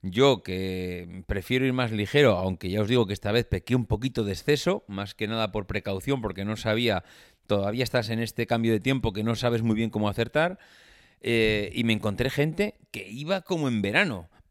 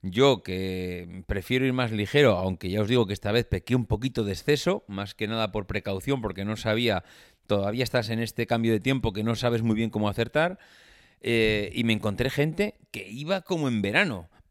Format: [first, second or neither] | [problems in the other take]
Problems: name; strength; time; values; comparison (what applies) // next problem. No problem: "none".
neither | none